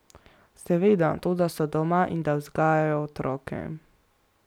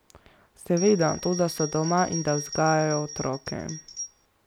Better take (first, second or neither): first